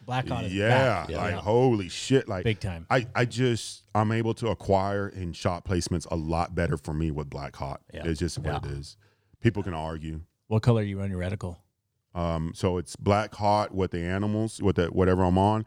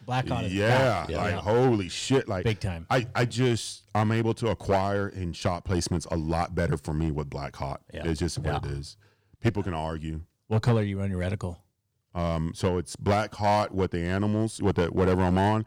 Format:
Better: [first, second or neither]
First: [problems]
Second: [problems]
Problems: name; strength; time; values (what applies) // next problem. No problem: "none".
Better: first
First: none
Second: distortion; slight; 4% of the sound clipped